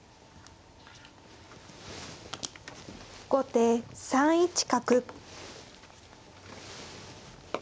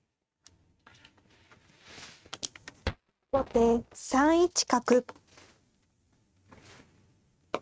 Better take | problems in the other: first | noise reduction (neural mask model RNNoise)

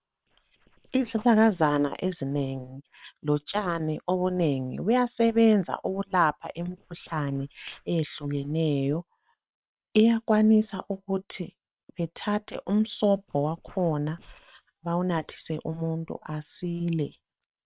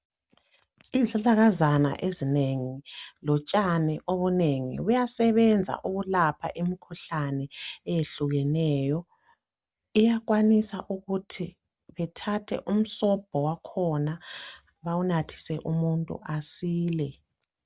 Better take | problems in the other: second | noise reduction (neural separator model SepFormer WHAM!)

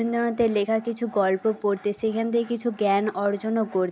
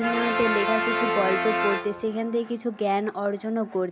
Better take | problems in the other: first | background sound (Brass instrument); 2 dB below the speech

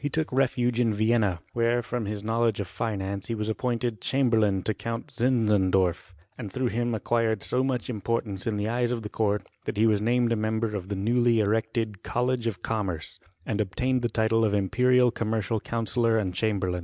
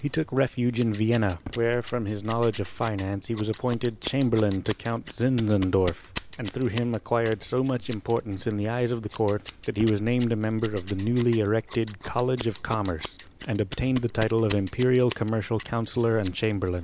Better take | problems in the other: first | background sound (Scissors); 15 dB below the speech

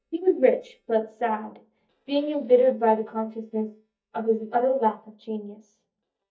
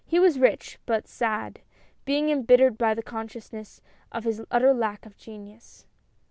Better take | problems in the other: second | noise reduction (neural mask model DeepFilterNet 3)

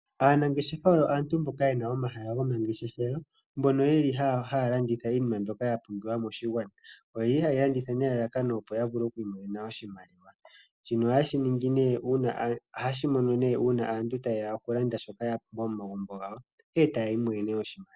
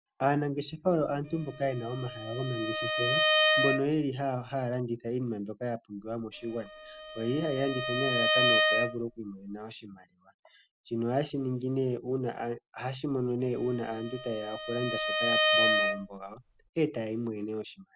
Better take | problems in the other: first | background sound (Bowed string instrument); 2 dB above the speech

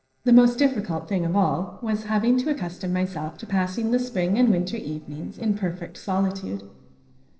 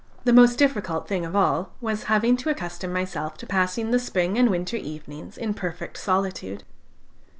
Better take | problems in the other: second | noise reduction (neural separator model SepFormer DNS4)

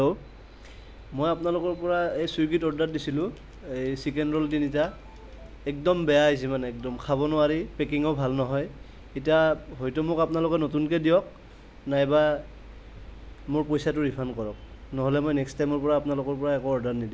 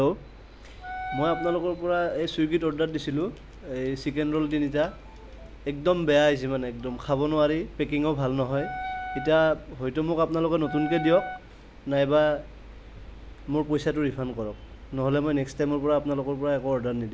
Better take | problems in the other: first | background sound (Wind instrument, woodwind instrument); 10 dB below the speech

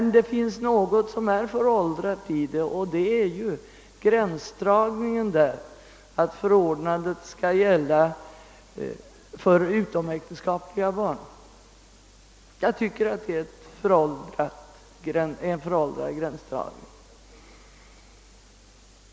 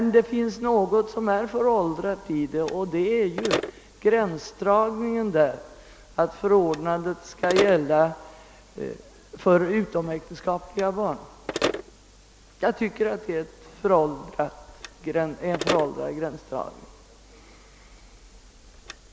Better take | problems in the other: first | background sound (Telephone); 12 dB below the speech

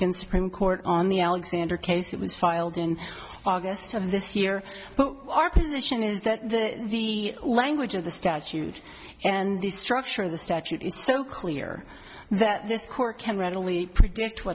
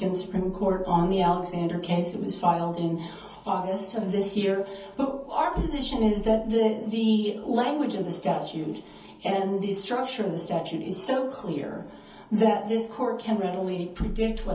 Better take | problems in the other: first | room echo; dies away in 0.7 s

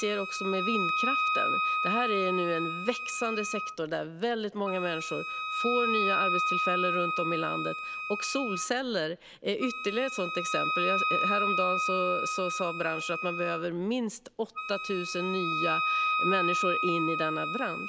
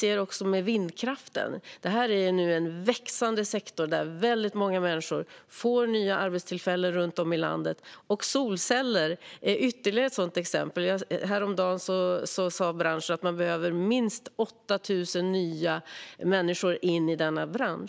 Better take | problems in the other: second | background sound (Wind instrument, woodwind instrument); 1 dB above the speech

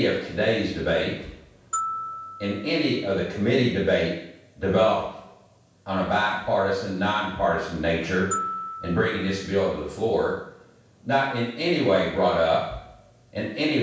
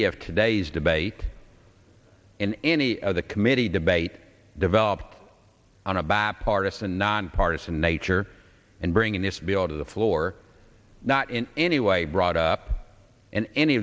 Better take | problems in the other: second | background sound (Glockenspiel); 11 dB below the speech // room echo; dies away in 0.7 s

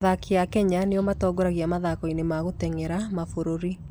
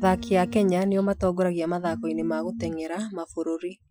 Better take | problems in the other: first | noise reduction (classical method Wiener filter)

